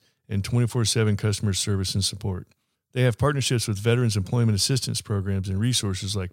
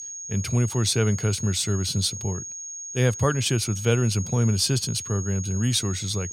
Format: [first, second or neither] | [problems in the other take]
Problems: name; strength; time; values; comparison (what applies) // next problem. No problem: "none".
first | high-pitched whine; loud; throughout; 6.5 kHz, 9 dB below the speech